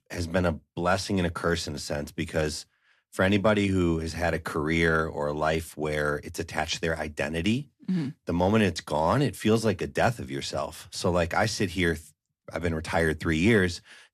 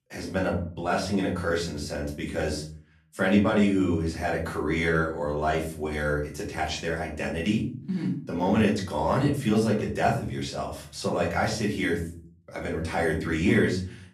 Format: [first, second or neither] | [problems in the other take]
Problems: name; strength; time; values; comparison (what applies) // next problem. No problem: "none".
first | off-mic speech; far // room echo; slight; dies away in 0.4 s